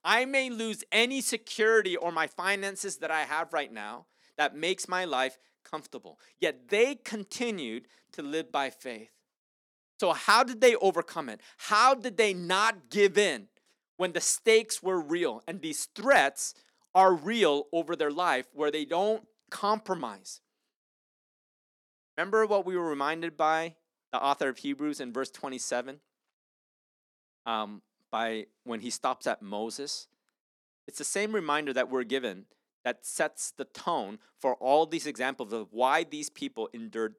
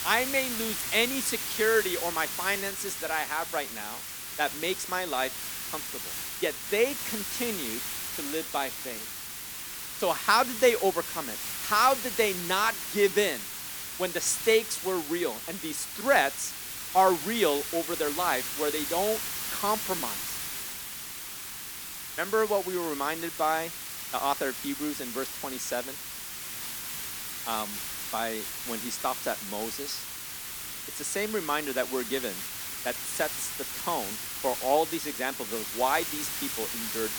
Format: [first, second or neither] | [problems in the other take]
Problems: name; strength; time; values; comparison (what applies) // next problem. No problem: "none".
first | hiss; loud; throughout; 4 dB below the speech